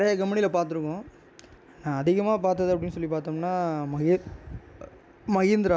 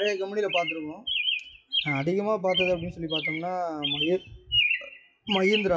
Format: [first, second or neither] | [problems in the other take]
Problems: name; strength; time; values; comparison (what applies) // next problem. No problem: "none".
first | noise reduction (classical method WPE with log-MMSE)